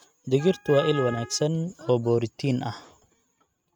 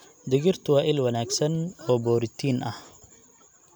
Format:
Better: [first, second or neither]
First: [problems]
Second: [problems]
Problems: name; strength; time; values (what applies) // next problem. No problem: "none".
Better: second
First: noise reduction (neural mask model RNNoise)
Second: none